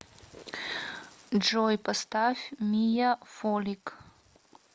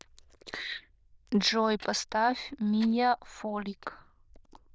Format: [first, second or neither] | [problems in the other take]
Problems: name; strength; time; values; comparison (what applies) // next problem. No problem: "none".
first | noise reduction (neural diffusion model UNIVERSE++)